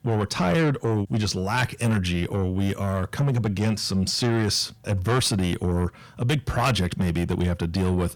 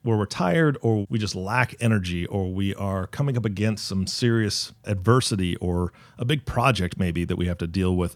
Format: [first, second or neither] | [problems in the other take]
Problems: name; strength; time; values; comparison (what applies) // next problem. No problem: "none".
second | distortion; heavy; 7 dB below the speech